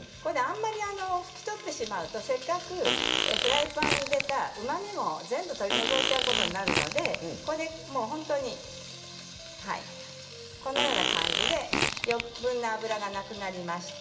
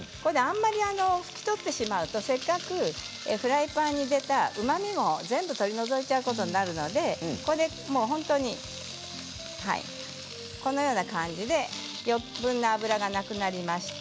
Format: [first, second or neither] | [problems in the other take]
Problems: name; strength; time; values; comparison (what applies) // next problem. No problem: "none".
second | background sound (Fart); 3 dB above the speech // room echo; dies away in 0.9 s